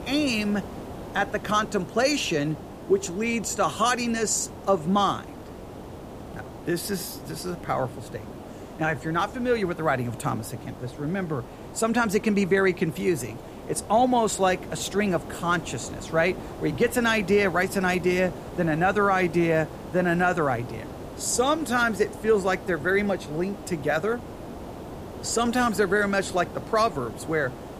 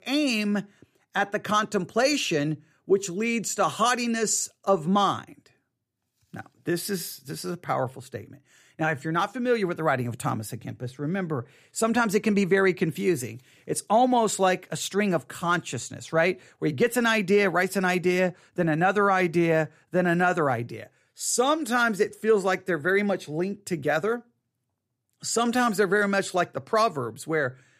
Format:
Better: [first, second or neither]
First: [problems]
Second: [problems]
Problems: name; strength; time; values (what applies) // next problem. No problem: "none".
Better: second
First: hiss; noticeable; throughout; 15 dB below the speech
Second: none